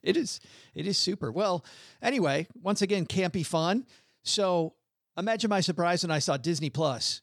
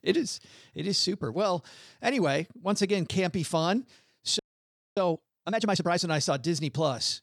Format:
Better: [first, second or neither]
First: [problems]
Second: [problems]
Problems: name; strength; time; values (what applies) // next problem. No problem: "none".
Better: first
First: none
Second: audio freezing; at 4.5 s for 0.5 s